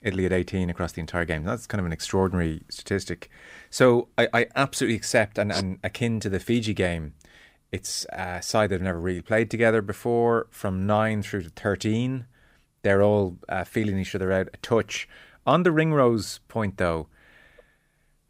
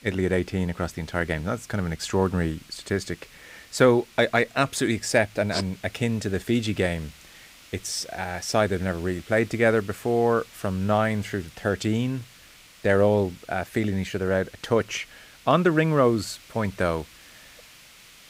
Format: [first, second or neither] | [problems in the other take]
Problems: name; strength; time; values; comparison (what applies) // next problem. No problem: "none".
first | hiss; faint; throughout; 25 dB below the speech